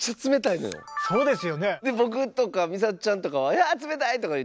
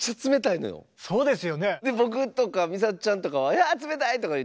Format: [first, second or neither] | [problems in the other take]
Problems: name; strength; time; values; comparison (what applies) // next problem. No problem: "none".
second | background sound (Camera); 11 dB below the speech